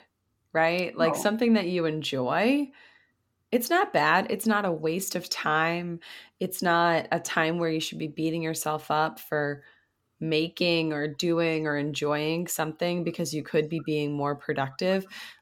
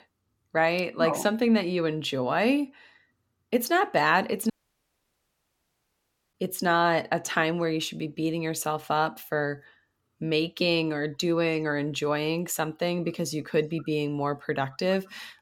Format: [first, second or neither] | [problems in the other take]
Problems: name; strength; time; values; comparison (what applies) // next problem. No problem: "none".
first | audio cutting out; at 4.5 s for 2 s